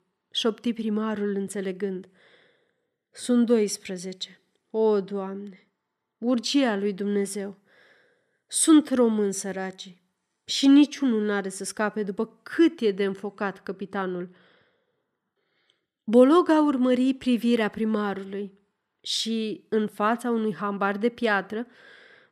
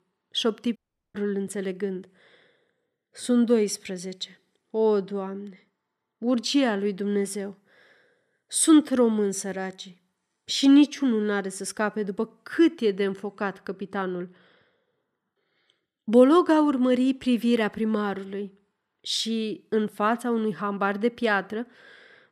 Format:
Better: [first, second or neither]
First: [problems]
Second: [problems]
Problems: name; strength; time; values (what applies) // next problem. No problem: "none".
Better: first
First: none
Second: audio cutting out; at 1 s